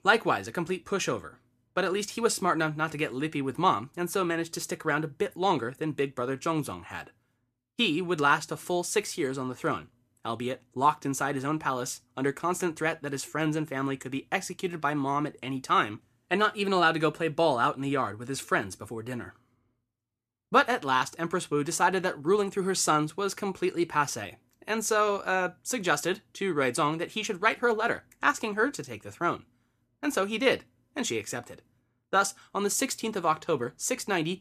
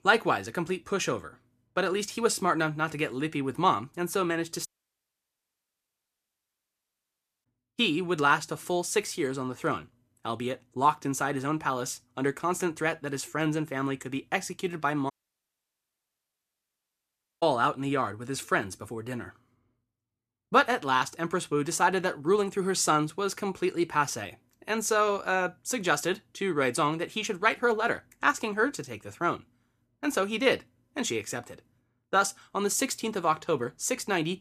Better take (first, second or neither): first